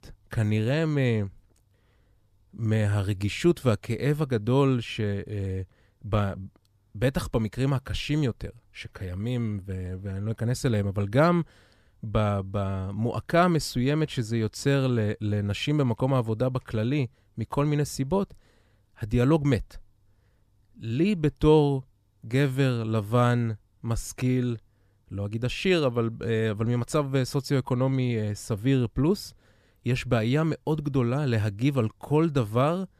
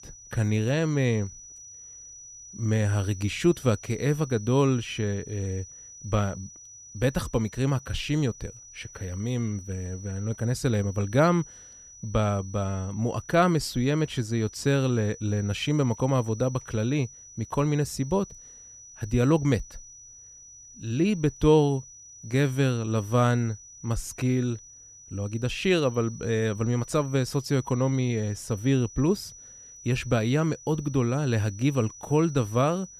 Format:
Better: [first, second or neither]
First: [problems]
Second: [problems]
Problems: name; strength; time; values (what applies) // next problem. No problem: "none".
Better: first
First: none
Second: high-pitched whine; noticeable; throughout; 6 kHz, 20 dB below the speech